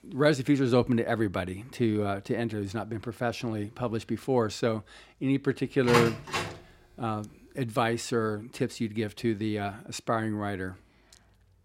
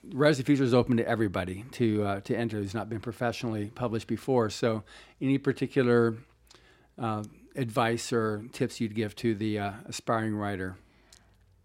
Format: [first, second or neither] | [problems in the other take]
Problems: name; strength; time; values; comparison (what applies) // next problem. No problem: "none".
second | door banging; loud; at 6 s; peak 2 dB above the speech